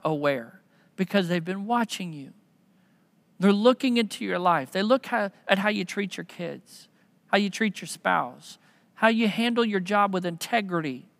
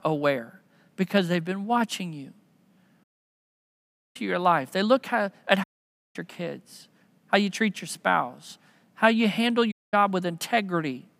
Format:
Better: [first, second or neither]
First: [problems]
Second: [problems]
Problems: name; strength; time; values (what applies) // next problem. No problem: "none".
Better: first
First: none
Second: audio cutting out; at 3 s for 1 s, at 5.5 s for 0.5 s and at 9.5 s